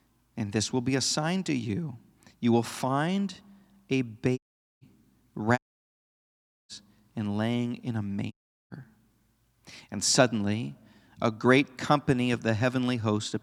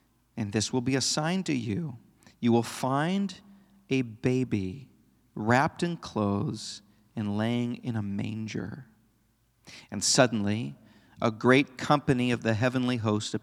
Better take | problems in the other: second | audio cutting out; at 4.5 s, at 5.5 s for 1 s and at 8.5 s

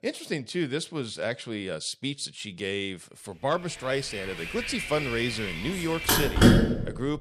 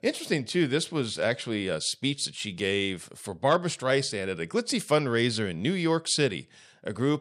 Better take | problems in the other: second | traffic noise; very loud; from 4 s on; 5 dB above the speech

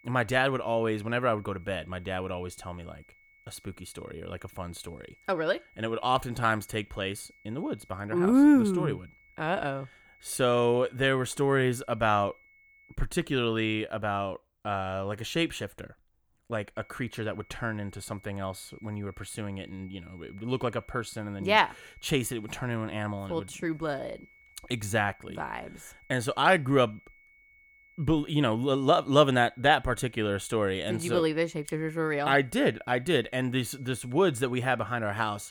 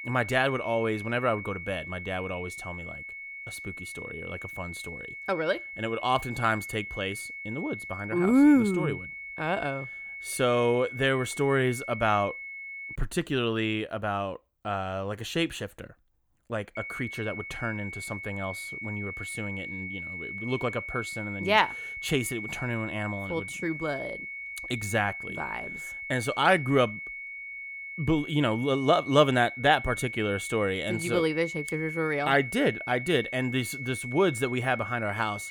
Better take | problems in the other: first | high-pitched whine; loud; until 13 s and from 17 s on; 2 kHz, 9 dB below the speech; faint in the first

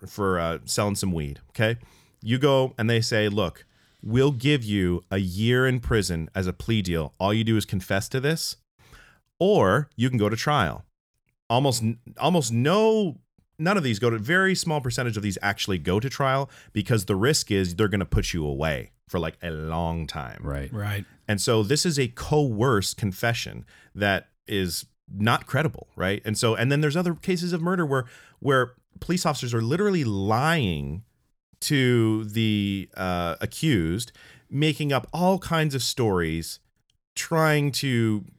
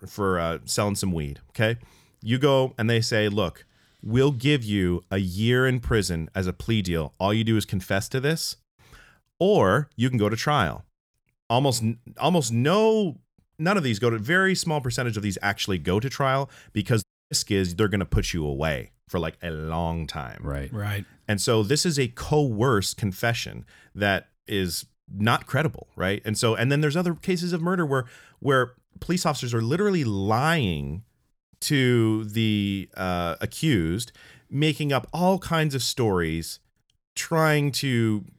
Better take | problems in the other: first | audio cutting out; at 17 s

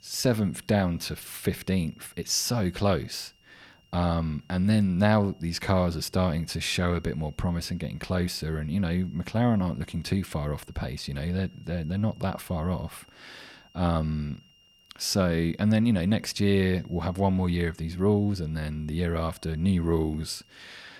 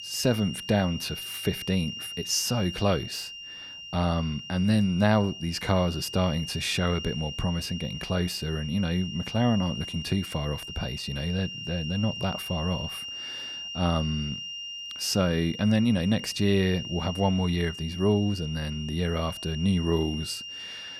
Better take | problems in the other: first | high-pitched whine; loud; throughout; 3 kHz, 8 dB below the speech; faint in the first

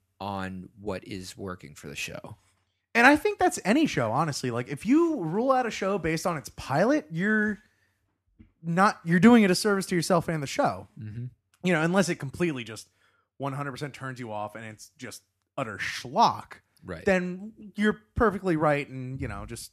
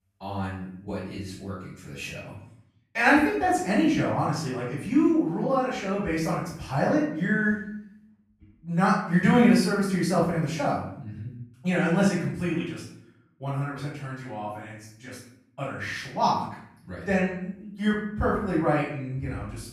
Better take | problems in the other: first | off-mic speech; far // room echo; noticeable; dies away in 0.6 s

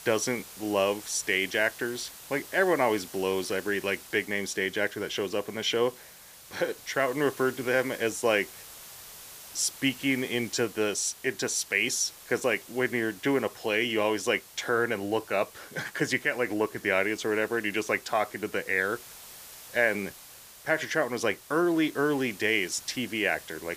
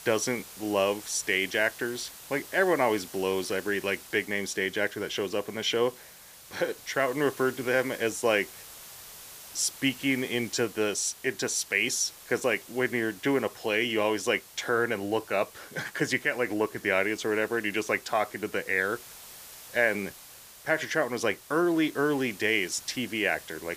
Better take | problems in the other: neither | hiss; noticeable; throughout; 15 dB below the speech; the same in both

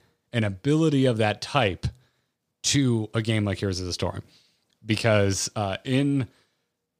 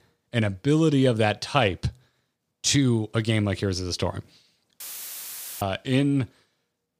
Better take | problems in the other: first | audio cutting out; filled with static; at 5 s for 1 s

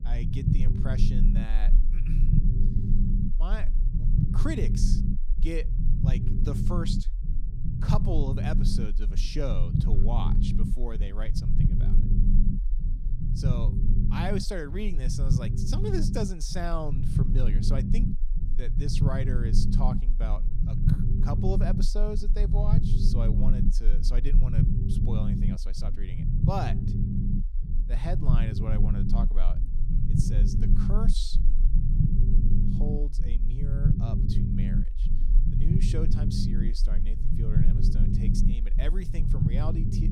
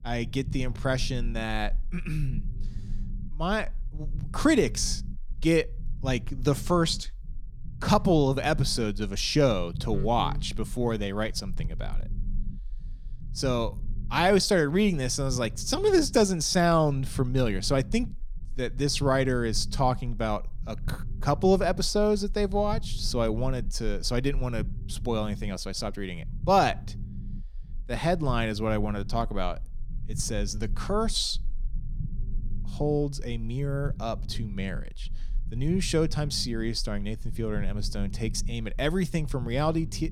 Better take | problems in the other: second | low rumble; loud; throughout; 1 dB below the speech; faint in the second

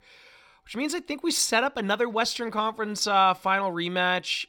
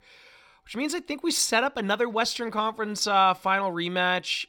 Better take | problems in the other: neither | none

